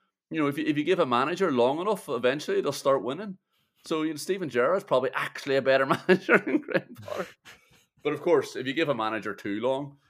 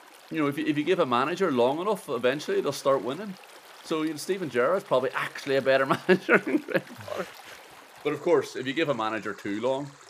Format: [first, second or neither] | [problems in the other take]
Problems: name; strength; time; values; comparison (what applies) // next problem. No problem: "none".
first | rain or running water; faint; throughout; 20 dB below the speech